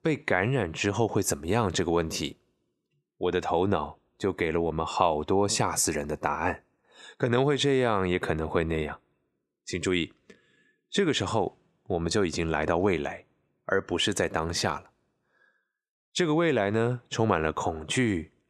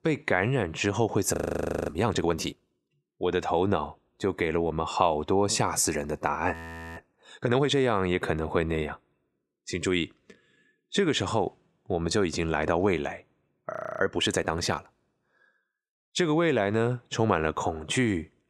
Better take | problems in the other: first | audio freezing; at 1.5 s for 0.5 s, at 6.5 s and at 14 s

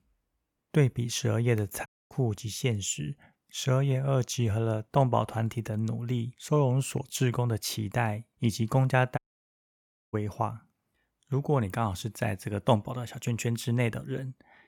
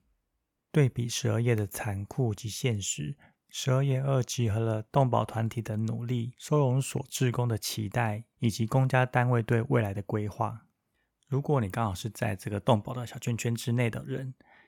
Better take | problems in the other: second | audio cutting out; at 2 s and at 9 s for 1 s

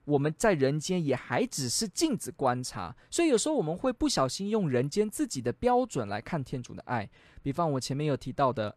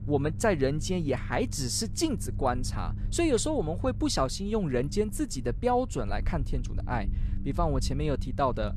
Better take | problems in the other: first | low rumble; faint; throughout; 20 dB below the speech

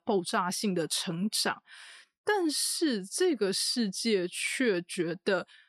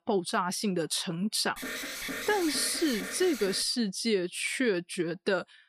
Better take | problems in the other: first | alarm; noticeable; from 1.5 to 3.5 s; peak 5 dB below the speech

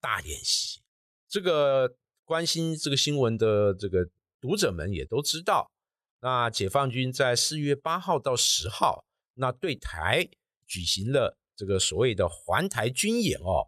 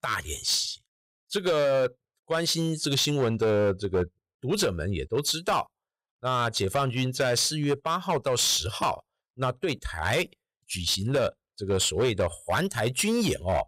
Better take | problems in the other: first | distortion; slight; 8% of the sound clipped

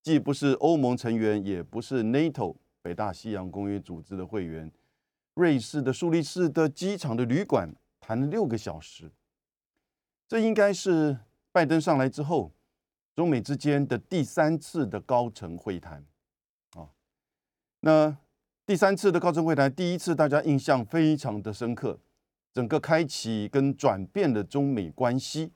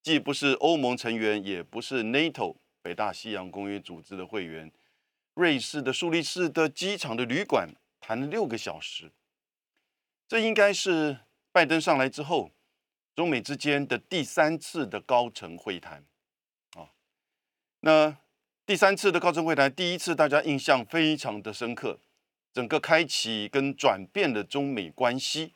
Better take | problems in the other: first | thin; very slightly; fading below 500 Hz

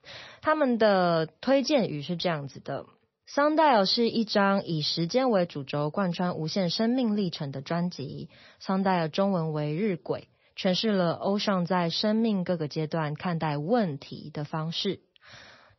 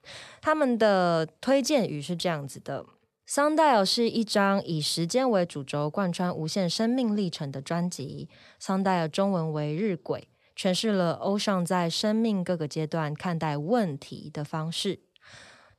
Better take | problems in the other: second | garbled, watery; slightly; nothing above 5.5 kHz

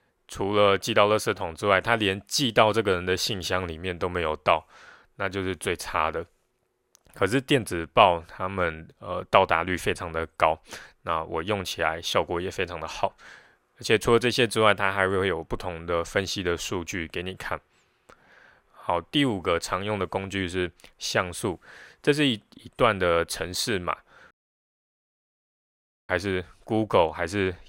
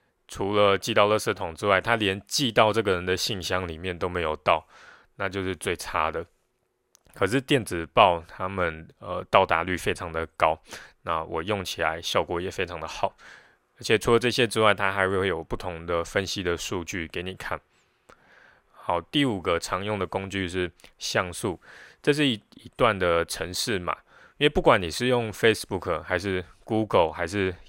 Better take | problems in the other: second | audio cutting out; at 24 s for 2 s

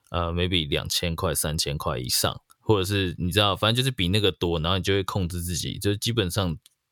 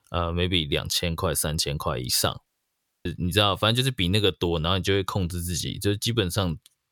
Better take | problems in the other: first | audio cutting out; at 2.5 s for 0.5 s

